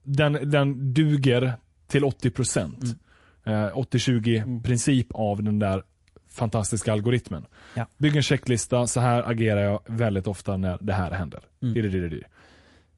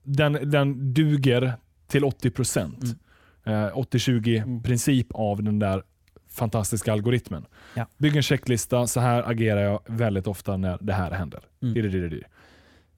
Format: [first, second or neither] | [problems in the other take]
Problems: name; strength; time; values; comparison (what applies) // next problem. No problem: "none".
second | garbled, watery; slightly; nothing above 11 kHz